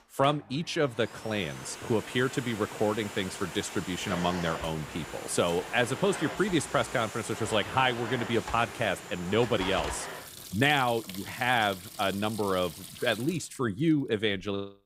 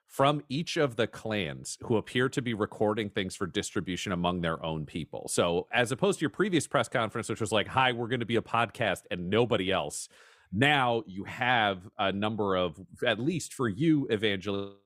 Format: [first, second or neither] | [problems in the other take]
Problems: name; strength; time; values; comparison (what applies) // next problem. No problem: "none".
second | household noises; noticeable; throughout; 10 dB below the speech